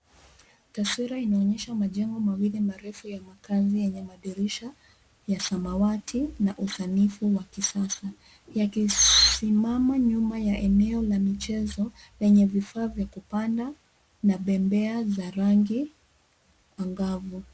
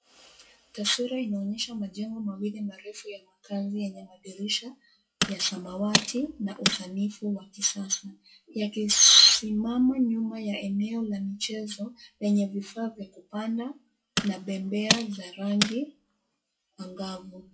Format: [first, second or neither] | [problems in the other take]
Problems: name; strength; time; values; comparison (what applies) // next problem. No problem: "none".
first | noise reduction (classical method WPE with log-MMSE)